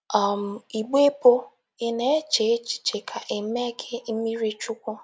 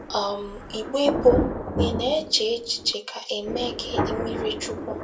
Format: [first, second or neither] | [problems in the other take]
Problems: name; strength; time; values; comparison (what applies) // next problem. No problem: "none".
first | background sound (Thunder); 3 dB below the speech // room echo; dies away in 0.2 s